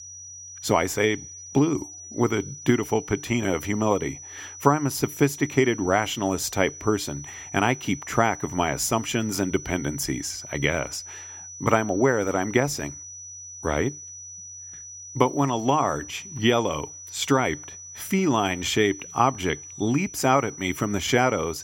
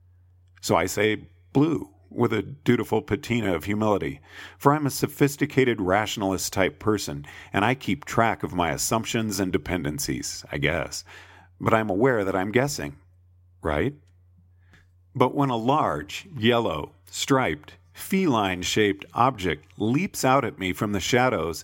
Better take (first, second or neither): second